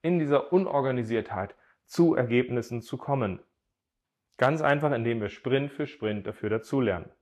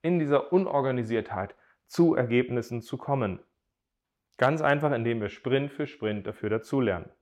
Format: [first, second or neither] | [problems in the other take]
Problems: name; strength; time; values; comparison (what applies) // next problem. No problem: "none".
second | garbled, watery; slightly; nothing above 13 kHz